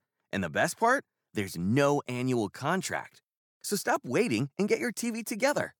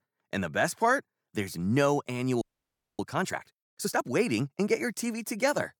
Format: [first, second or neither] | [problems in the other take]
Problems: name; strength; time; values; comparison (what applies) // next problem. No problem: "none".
first | audio freezing; at 2.5 s for 0.5 s